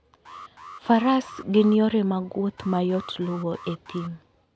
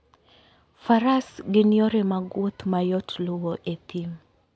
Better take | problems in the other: second | background sound (Alarm); 19 dB below the speech

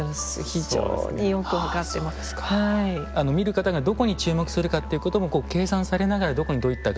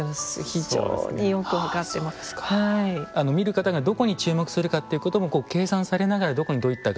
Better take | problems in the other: second | background sound (Musical instrument); 11 dB below the speech

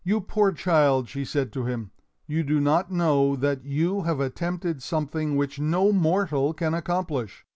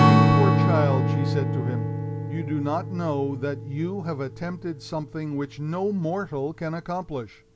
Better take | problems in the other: first | background sound (Strum); 4 dB above the speech

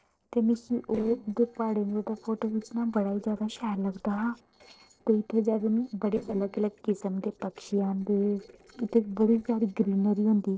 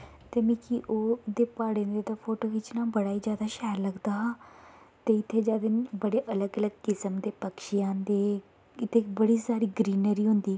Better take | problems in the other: second | noise reduction (neural separator model SepFormer DNS4)

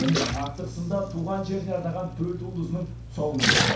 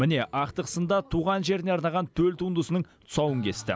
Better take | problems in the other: second | background sound (Splash, splatter); 1 dB below the speech // room echo; dies away in 0.6 s

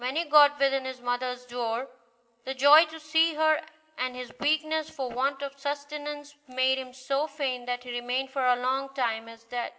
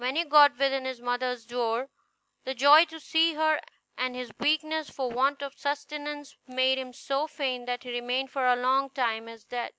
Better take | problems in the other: second | room echo; dies away in 0.3 s

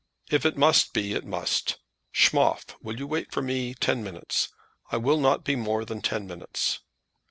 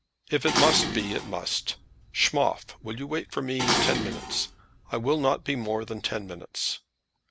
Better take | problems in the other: first | background sound (Dishes, pots, and pans); 3 dB below the speech

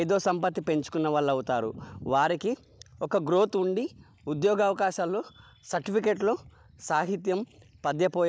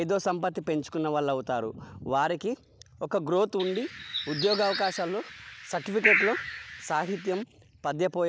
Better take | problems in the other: first | background sound (Bird); 3 dB below the speech

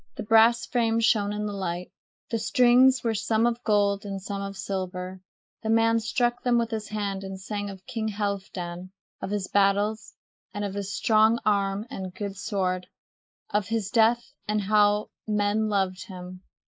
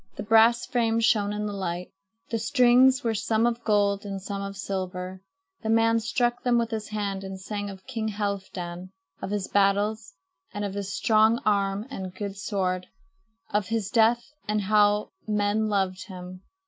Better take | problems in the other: second | noise reduction (neural mask model Resemble Enhance denoiser)

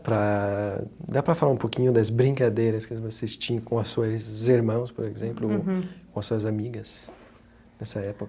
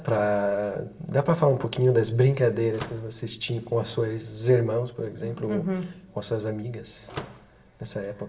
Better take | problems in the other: first | background sound (Slam / Microwave oven); 16 dB below the speech // room echo; dies away in 0.7 s

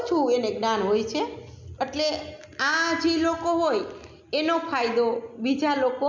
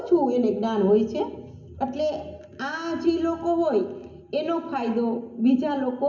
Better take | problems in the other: first | room echo; dies away in 0.3 s

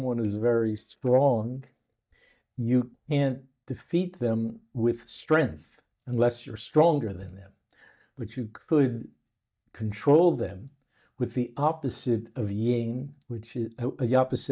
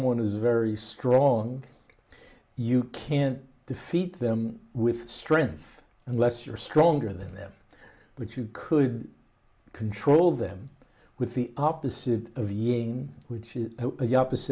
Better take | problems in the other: second | noise reduction (neural mask model DeepFilterNet 3)

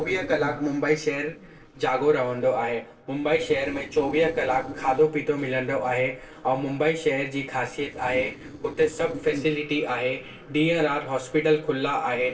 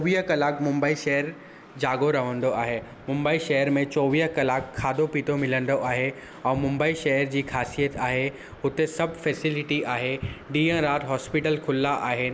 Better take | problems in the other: second | noise reduction (neural separator model SepFormer DNS4)

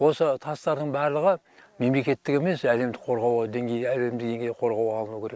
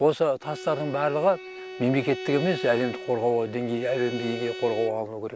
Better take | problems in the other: first | background sound (Bowed string instrument); 12 dB below the speech

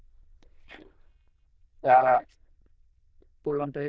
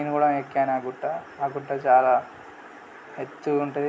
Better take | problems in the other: second | noise reduction (neural diffusion model UNIVERSE++)

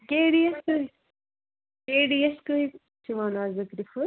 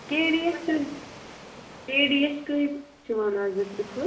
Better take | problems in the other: first | background sound (Waves, surf); 18 dB below the speech // room echo; dies away in 0.6 s

